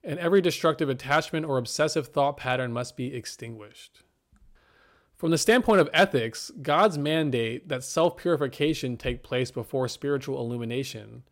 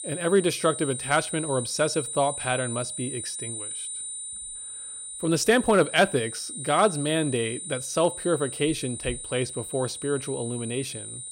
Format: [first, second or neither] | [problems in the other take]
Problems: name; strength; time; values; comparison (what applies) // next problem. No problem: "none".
first | high-pitched whine; loud; throughout; 9 kHz, 7 dB below the speech